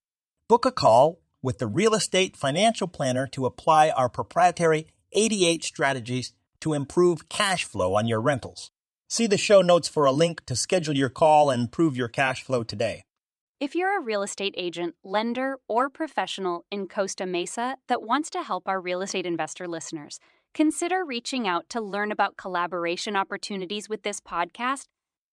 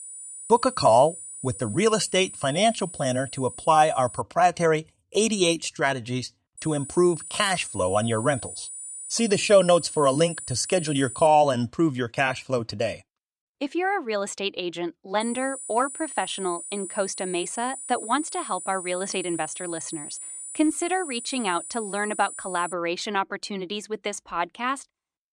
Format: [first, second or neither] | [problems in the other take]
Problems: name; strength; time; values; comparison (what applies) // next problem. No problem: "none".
first | high-pitched whine; noticeable; until 4 s, from 6.5 to 11 s and from 15 to 23 s; 9.5 kHz, 10 dB below the speech